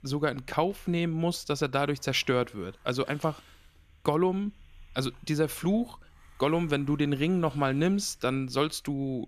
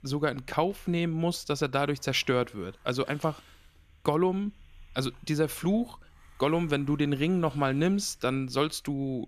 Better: neither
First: hiss; faint; throughout; 30 dB below the speech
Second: hiss; faint; throughout; 30 dB below the speech

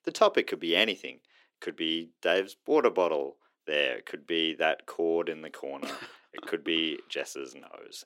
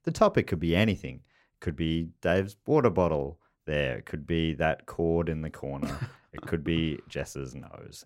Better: second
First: thin; somewhat; fading below 300 Hz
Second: none

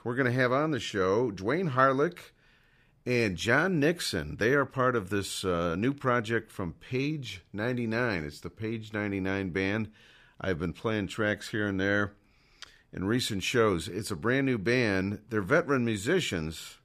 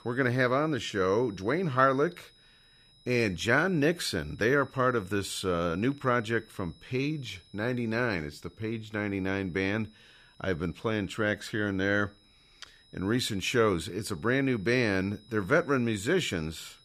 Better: first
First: none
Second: high-pitched whine; faint; throughout; 4 kHz, 30 dB below the speech

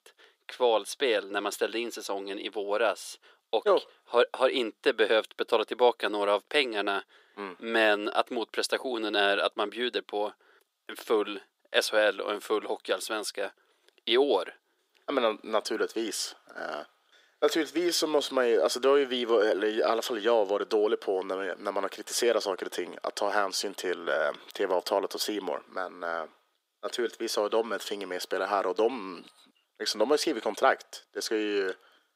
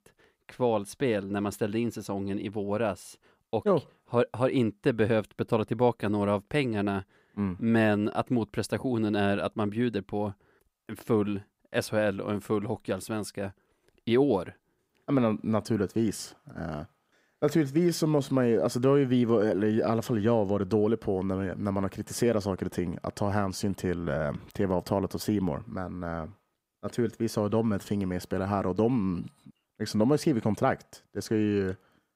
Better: second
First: thin; very; fading below 400 Hz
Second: none

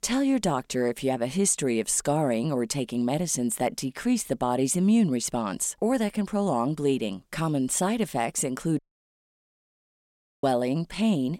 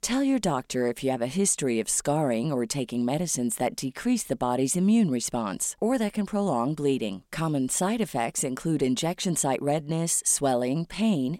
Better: second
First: audio cutting out; at 9 s for 1.5 s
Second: none

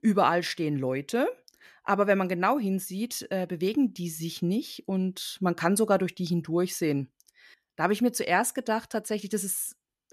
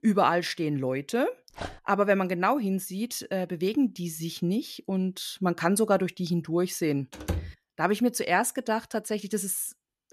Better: first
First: none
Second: dog barking; faint; at 1.5 s; peak 10 dB below the speech // door banging; noticeable; at 7 s; peak 6 dB below the speech

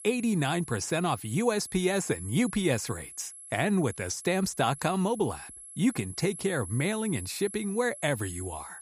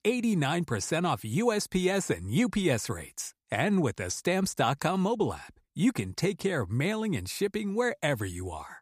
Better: second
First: high-pitched whine; noticeable; throughout; 11 kHz, 10 dB below the speech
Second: none

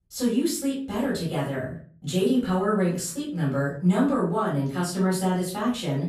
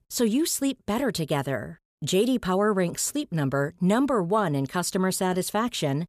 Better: second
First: off-mic speech; far // room echo; noticeable; dies away in 0.4 s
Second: none

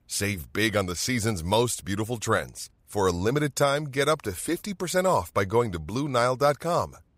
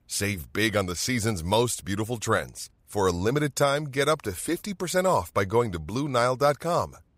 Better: neither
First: none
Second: none

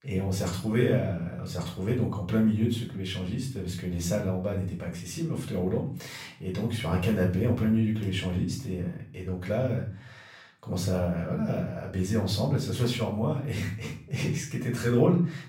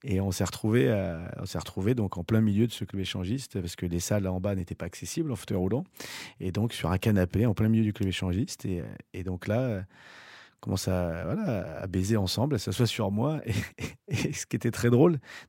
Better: second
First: room echo; slight; dies away in 0.4 s // off-mic speech; far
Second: none

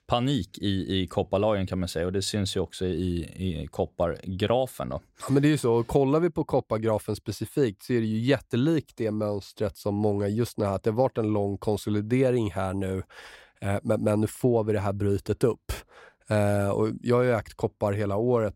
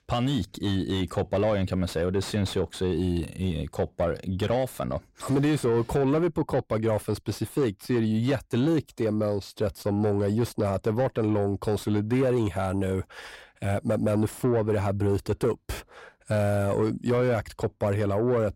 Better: first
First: none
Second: distortion; slight; 10 dB below the speech

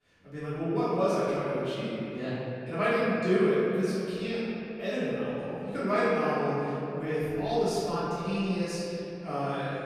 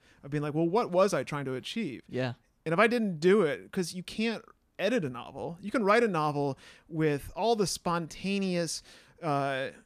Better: second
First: off-mic speech; far // room echo; strong; dies away in 2.9 s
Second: none

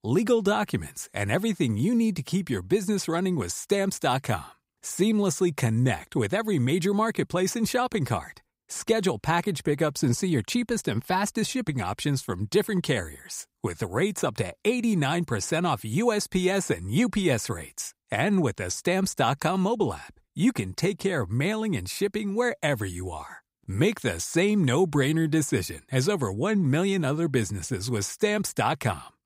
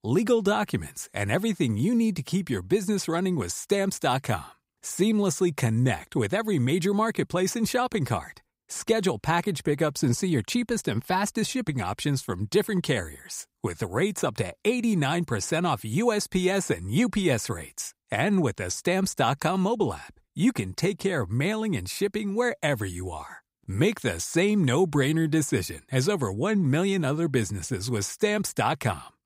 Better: neither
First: none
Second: none

